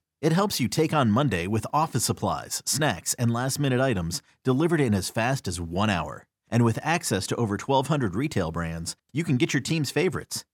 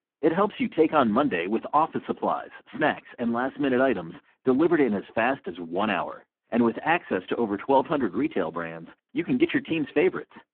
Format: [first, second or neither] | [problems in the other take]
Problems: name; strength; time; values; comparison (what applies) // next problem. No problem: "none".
first | phone-call audio; poor line